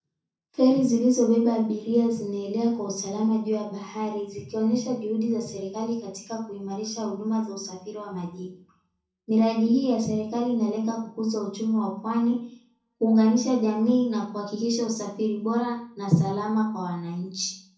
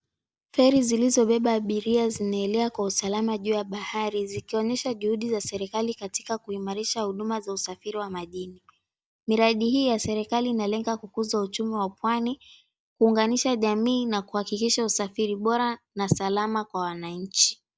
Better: second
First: room echo; dies away in 0.5 s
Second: none

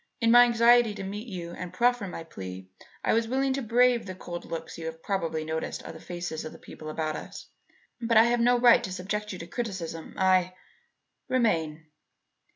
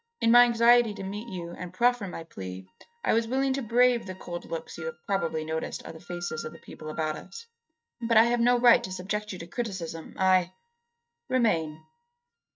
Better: first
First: none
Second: noise reduction (neural mask model RNNoise)

